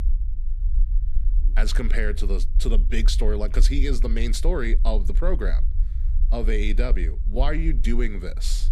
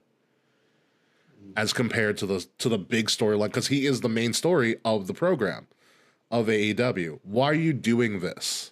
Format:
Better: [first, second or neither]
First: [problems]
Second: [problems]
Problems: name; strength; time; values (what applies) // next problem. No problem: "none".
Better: second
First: low rumble; noticeable; throughout; 20 dB below the speech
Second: none